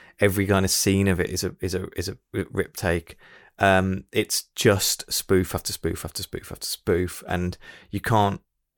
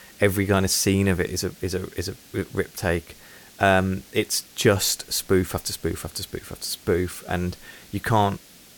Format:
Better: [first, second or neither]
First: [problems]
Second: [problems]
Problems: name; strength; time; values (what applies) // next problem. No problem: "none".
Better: first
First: none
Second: hiss; faint; throughout; 25 dB below the speech